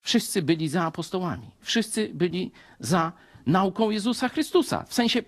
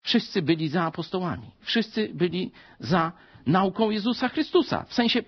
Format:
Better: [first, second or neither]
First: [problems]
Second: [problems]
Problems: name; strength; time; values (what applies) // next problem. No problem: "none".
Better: first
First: garbled, watery; slightly; nothing above 12 kHz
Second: garbled, watery; badly; nothing above 5.5 kHz